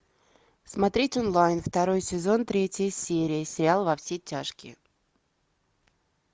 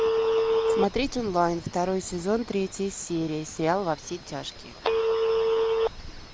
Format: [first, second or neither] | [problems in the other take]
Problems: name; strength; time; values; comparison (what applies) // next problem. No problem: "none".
first | background sound (Telephone); 1 dB above the speech